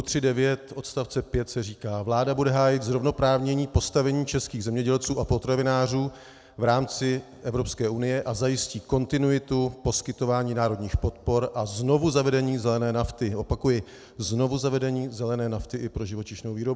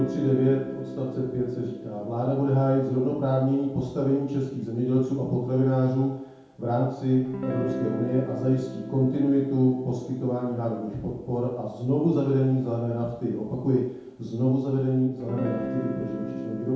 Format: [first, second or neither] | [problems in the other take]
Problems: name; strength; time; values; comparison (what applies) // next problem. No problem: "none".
first | background sound (Guitar); 11 dB below the speech // room echo; dies away in 0.8 s